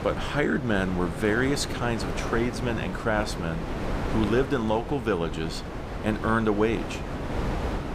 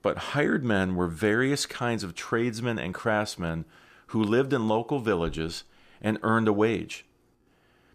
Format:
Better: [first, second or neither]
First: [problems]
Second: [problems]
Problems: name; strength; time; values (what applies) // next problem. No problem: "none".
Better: second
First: wind noise on the microphone; heavy; 7 dB below the speech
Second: none